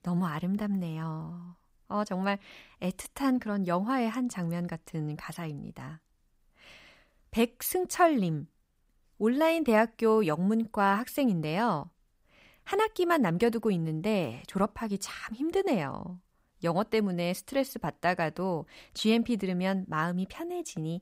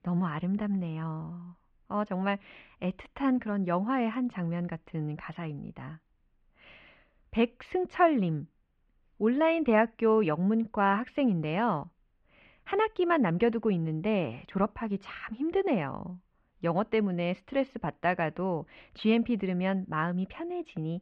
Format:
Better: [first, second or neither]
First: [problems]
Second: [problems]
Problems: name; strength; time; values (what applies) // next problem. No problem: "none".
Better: first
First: none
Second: muffled; very; fading above 3 kHz